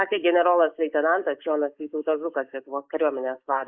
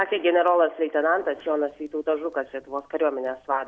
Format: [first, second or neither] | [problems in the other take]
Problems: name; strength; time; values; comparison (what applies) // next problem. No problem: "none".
second | noise reduction (neural mask model Resemble Enhance denoiser)